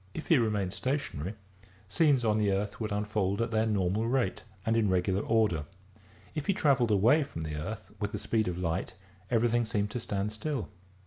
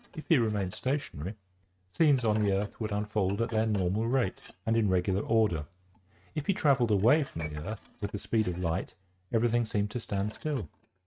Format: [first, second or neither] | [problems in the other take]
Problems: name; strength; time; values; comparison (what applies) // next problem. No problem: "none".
first | noise reduction (neural mask model RNNoise)